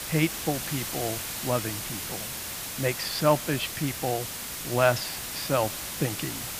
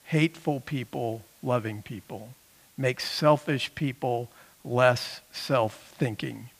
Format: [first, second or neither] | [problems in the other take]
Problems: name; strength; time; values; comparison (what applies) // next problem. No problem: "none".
second | hiss; loud; throughout; 4 dB below the speech; faint in the second